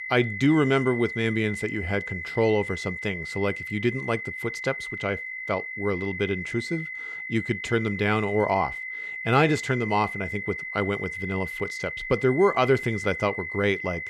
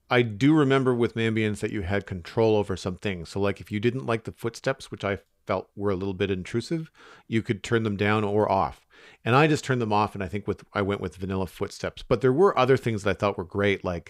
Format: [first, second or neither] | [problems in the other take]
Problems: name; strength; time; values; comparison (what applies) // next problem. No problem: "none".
second | high-pitched whine; loud; throughout; 2 kHz, 6 dB below the speech